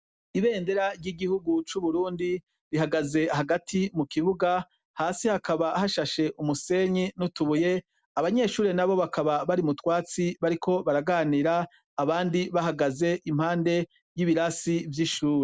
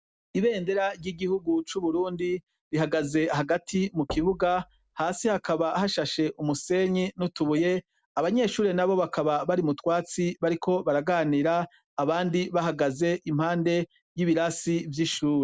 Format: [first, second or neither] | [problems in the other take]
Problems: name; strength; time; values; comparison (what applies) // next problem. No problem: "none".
first | background sound (Knock / Wood / Percussion); 17 dB below the speech